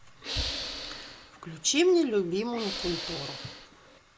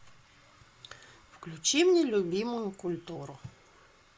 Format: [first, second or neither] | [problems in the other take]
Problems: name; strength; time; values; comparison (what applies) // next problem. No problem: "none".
second | background sound (Hiss / Breathing); 8 dB below the speech